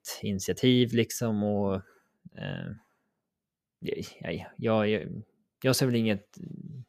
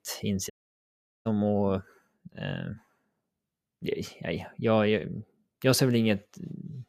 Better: first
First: none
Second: audio cutting out; at 0.5 s for 1 s

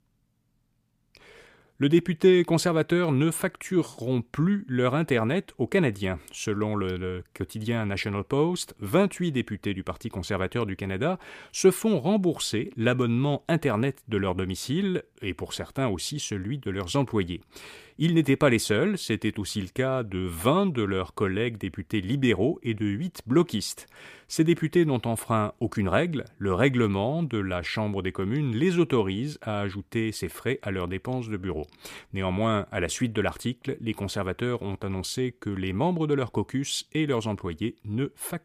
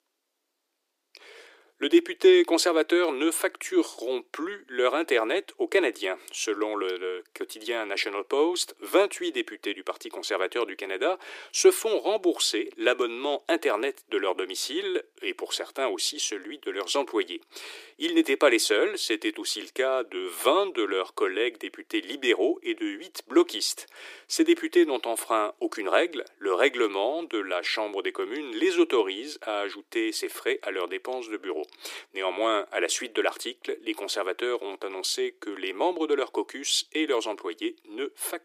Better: first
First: none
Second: thin; very; fading below 300 Hz

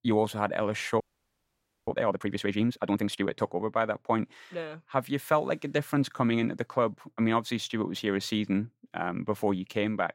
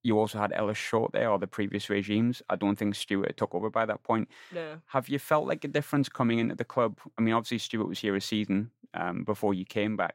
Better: second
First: audio freezing; at 1 s for 1 s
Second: none

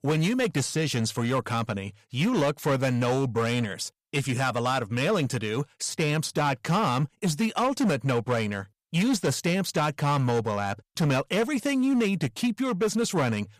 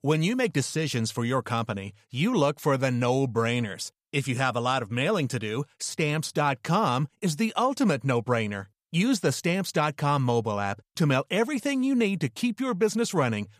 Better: second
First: distortion; slight; 10% of the sound clipped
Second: none

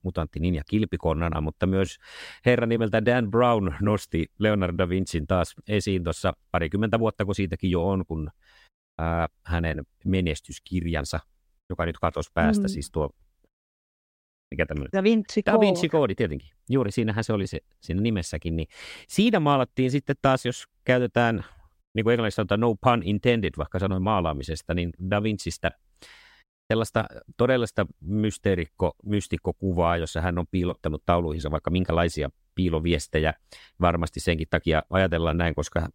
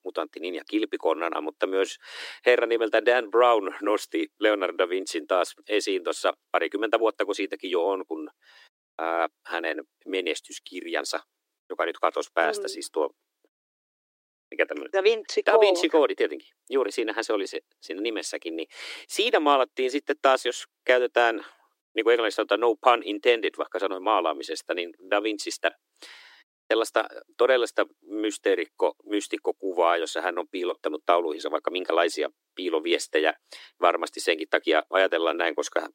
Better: first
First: none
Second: thin; very; fading below 300 Hz

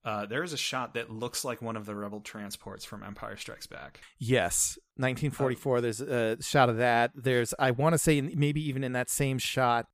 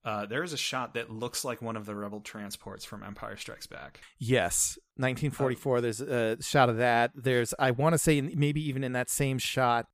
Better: neither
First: none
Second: none

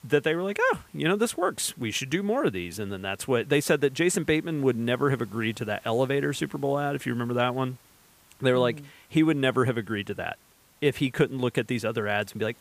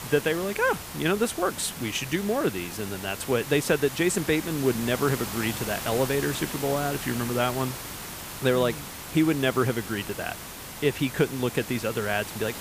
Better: first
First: hiss; faint; throughout; 30 dB below the speech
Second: hiss; loud; throughout; 9 dB below the speech

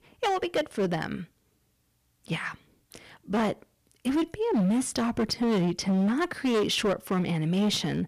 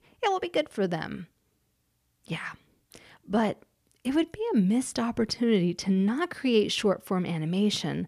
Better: second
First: distortion; slight; 12% of the sound clipped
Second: none

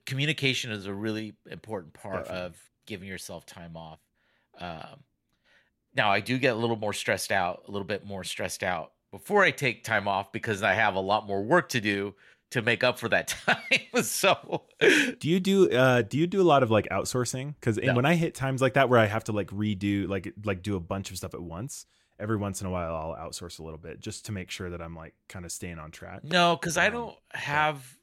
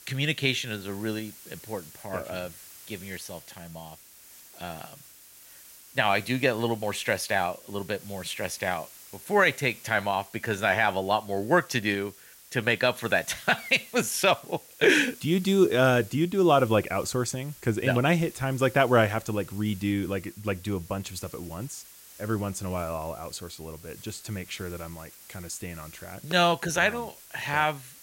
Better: first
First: none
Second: hiss; faint; throughout; 20 dB below the speech

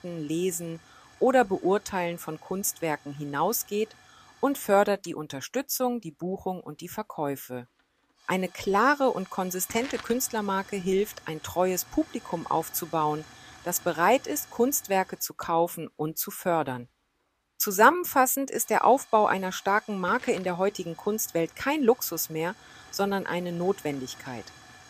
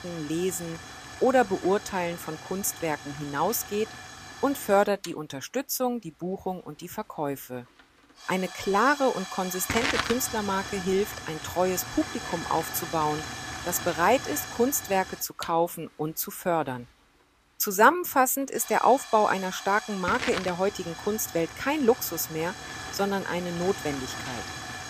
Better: first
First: hiss; faint; throughout; 20 dB below the speech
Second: hiss; loud; throughout; 9 dB below the speech

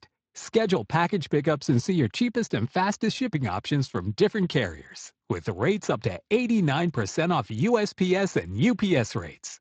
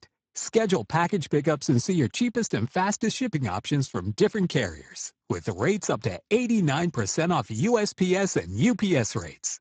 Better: first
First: garbled, watery; slightly; nothing above 7.5 kHz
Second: garbled, watery; badly; nothing above 7.5 kHz

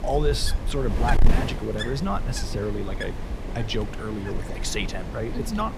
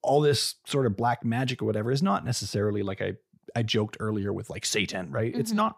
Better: second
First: wind noise on the microphone; heavy; 5 dB below the speech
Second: none

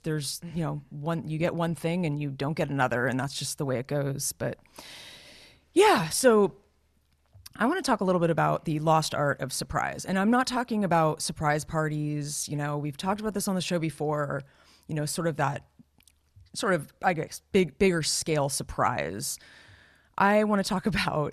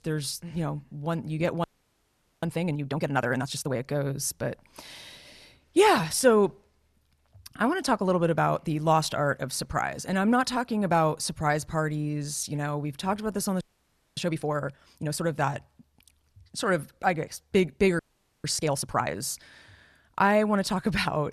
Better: first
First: none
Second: audio freezing; at 1.5 s for 1 s, at 14 s for 0.5 s and at 18 s

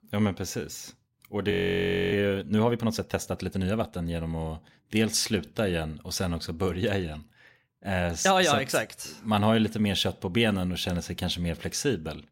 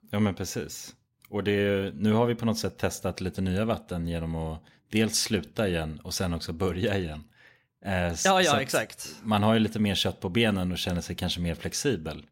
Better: second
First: audio freezing; at 1.5 s for 0.5 s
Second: none

